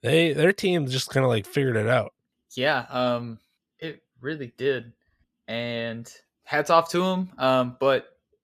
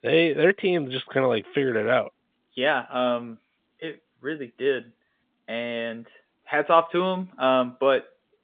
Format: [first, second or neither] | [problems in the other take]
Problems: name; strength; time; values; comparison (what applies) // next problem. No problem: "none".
first | phone-call audio; nothing above 3.5 kHz